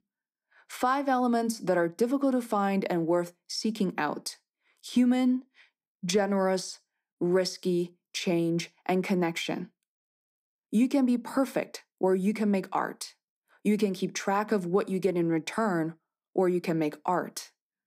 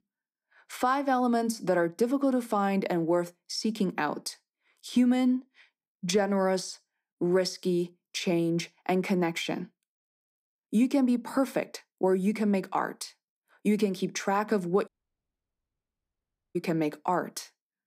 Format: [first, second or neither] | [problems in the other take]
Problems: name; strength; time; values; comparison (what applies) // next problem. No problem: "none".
first | audio cutting out; at 15 s for 1.5 s